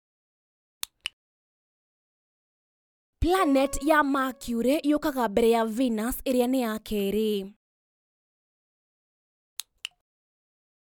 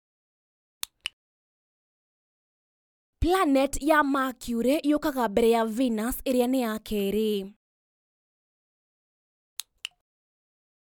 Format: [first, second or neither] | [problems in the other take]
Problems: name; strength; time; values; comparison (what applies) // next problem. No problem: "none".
second | background sound (Acoustic guitar); 16 dB below the speech